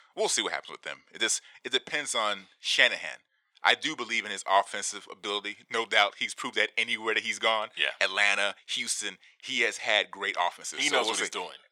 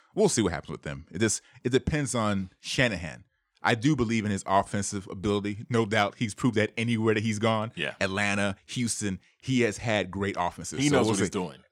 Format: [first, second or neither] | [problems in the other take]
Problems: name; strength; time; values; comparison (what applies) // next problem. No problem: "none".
second | thin; very; fading below 700 Hz